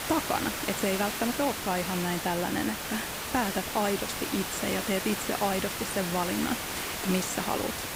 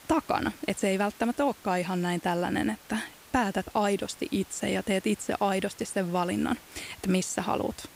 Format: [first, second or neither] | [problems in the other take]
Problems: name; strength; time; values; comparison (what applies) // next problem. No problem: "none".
second | hiss; loud; throughout; 2 dB below the speech; faint in the second